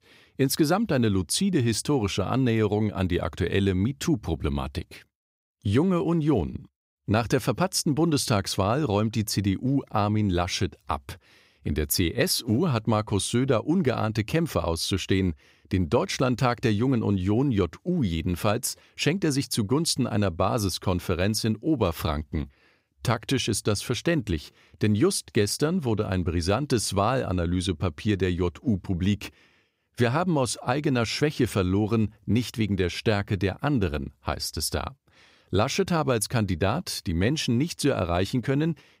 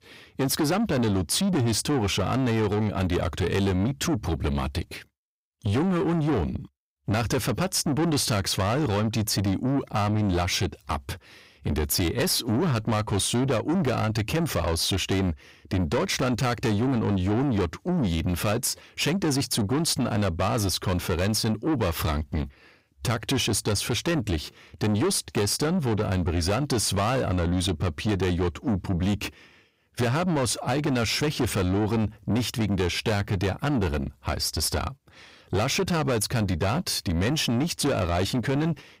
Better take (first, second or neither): first